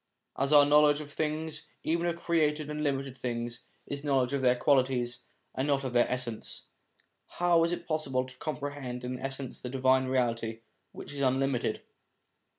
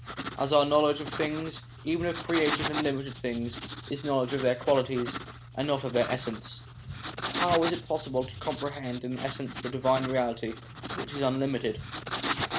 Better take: first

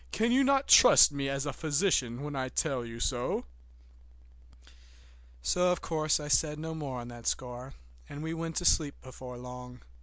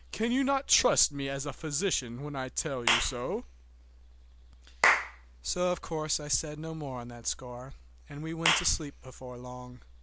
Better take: first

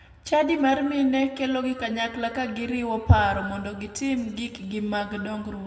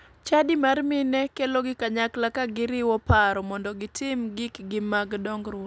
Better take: second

